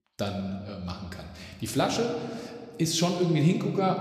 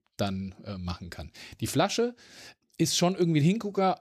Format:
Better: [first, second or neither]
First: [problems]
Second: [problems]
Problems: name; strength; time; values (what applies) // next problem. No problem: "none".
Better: second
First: room echo; slight; dies away in 1.6 s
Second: none